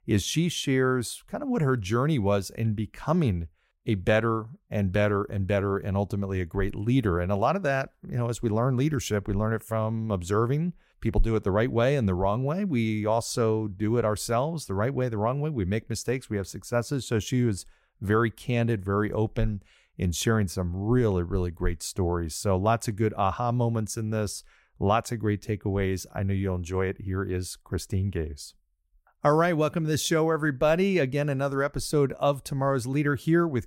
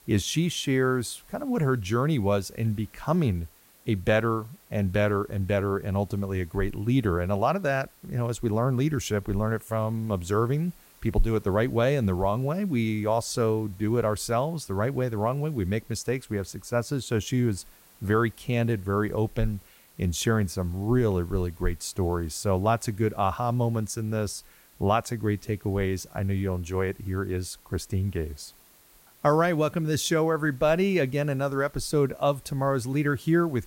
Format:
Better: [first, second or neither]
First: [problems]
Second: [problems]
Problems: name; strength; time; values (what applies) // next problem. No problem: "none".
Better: first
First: none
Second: hiss; faint; throughout; 25 dB below the speech